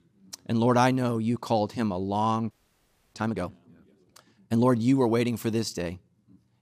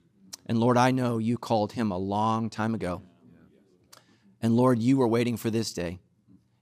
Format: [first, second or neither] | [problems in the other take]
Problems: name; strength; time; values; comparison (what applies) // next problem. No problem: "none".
second | audio freezing; at 2.5 s for 0.5 s